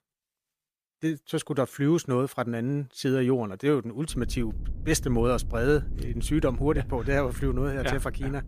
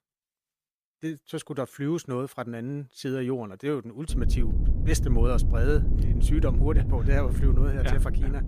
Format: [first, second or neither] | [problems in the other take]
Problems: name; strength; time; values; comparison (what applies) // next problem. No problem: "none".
first | low rumble; loud; from 4 s on; 7 dB below the speech; faint in the first